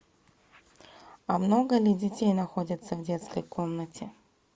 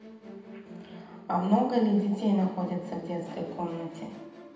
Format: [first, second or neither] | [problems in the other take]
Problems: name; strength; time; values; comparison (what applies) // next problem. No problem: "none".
first | background sound (Musical instrument); 15 dB below the speech // room echo; dies away in 0.8 s